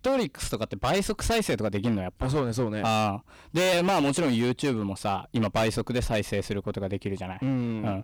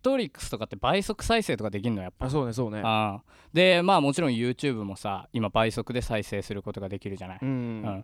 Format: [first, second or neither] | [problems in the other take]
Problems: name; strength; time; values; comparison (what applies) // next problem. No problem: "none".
second | distortion; heavy; 13% of the sound clipped